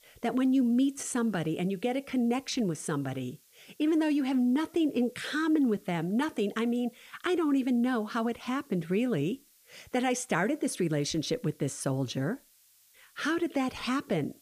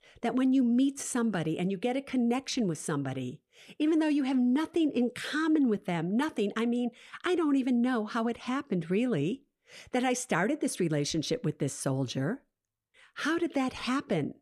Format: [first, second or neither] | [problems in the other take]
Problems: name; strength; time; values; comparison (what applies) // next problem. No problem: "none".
second | hiss; faint; throughout; 30 dB below the speech